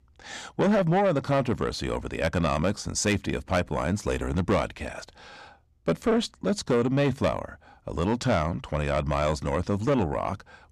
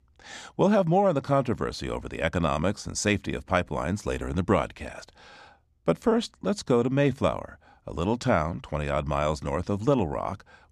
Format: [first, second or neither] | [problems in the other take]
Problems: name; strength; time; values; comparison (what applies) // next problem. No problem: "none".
second | distortion; slight; 10 dB below the speech